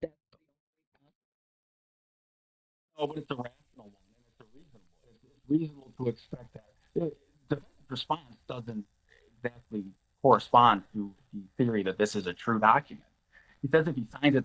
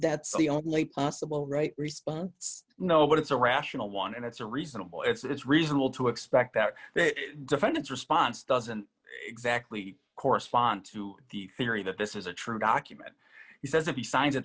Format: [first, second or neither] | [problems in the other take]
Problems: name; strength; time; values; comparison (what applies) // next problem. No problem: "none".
second | noise reduction (neural mask model DeepFilterNet 3)